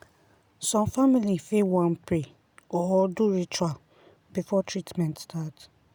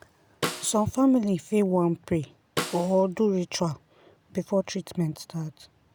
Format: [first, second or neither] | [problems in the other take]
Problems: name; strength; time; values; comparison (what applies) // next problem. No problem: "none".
first | background sound (Snare drum); 10 dB below the speech